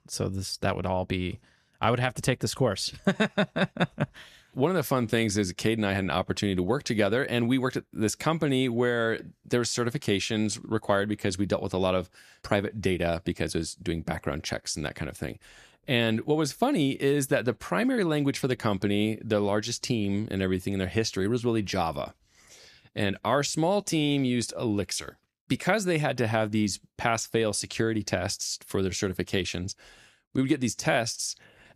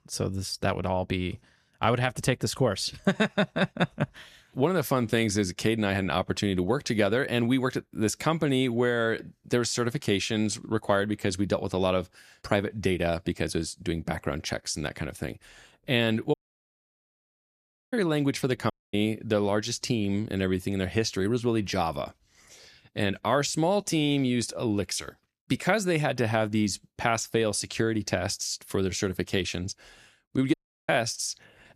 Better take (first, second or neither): first